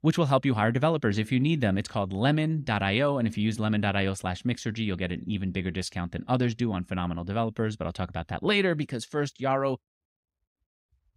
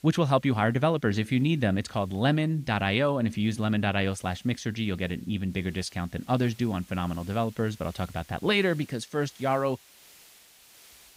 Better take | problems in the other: first | hiss; faint; throughout; 25 dB below the speech

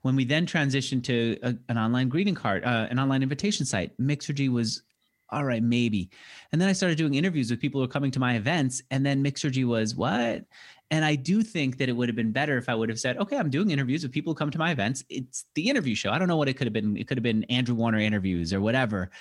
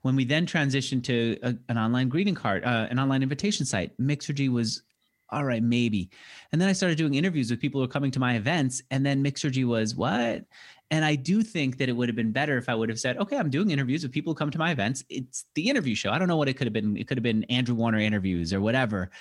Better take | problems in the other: neither | none

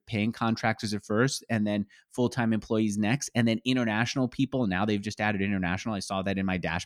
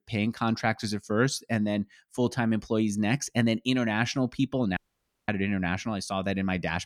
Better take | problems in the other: first | audio cutting out; at 5 s for 0.5 s

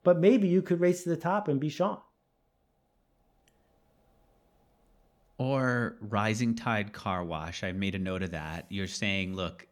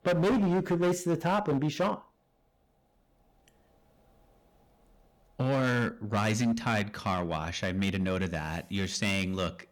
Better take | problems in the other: first | distortion; heavy; 9% of the sound clipped

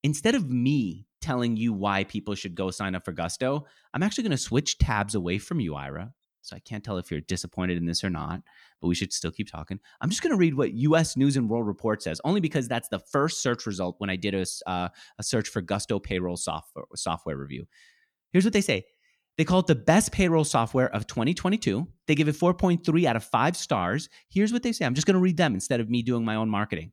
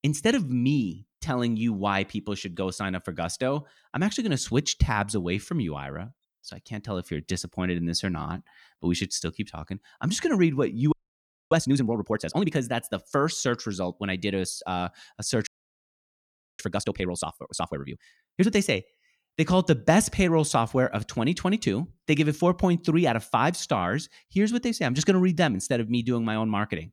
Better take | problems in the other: first | audio freezing; at 11 s for 0.5 s and at 15 s for 1 s

